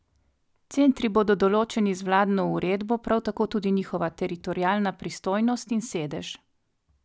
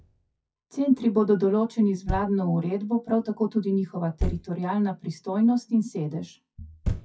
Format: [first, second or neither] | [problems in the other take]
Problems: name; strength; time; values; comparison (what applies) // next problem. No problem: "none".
first | noise reduction (classical method WPE with log-MMSE)